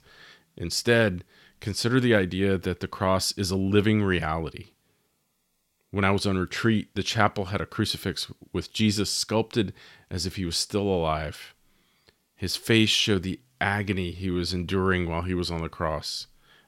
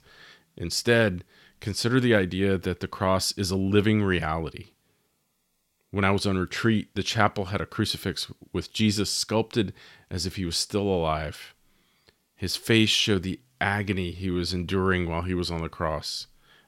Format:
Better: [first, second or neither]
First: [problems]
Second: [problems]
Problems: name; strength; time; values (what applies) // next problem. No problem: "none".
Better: neither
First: none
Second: none